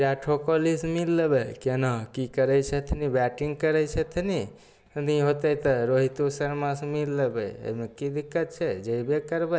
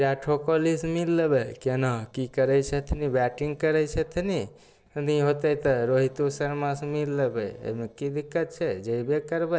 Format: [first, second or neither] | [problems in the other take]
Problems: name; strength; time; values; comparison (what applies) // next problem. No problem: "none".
first | noise reduction (neural separator model SepFormer DNS4)